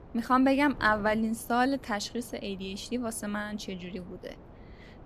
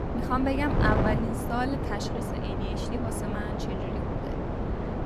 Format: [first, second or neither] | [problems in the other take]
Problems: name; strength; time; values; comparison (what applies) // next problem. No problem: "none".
first | wind noise on the microphone; heavy; 2 dB below the speech; occasional gusts in the first